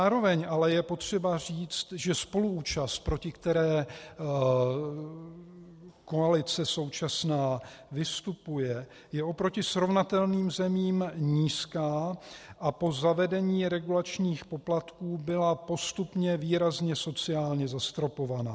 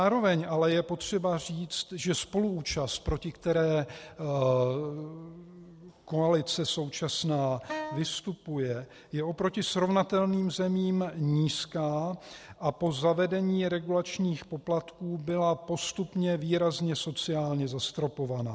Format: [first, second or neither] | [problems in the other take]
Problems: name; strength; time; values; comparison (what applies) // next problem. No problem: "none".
first | background sound (Wind instrument, woodwind instrument); 11 dB below the speech